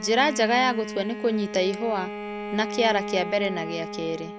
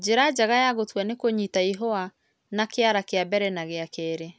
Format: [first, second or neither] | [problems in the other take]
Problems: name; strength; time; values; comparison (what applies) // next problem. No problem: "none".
second | background sound (Bowed string instrument); 8 dB below the speech